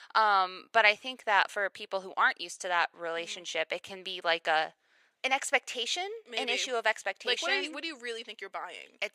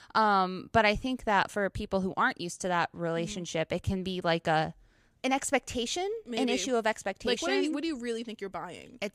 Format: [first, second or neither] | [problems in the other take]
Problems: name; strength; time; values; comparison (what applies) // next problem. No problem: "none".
second | thin; very; fading below 600 Hz